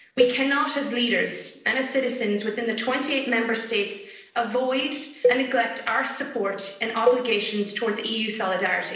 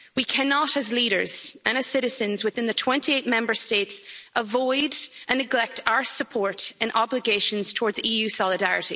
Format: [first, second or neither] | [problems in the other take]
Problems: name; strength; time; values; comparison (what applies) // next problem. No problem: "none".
second | noise reduction (neural separator model SepFormer DNS4)